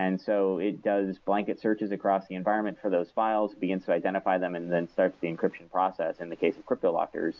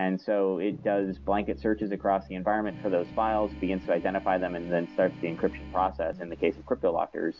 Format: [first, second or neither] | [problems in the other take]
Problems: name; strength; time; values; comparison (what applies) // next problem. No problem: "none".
first | background sound (Piano + Organ); 15 dB below the speech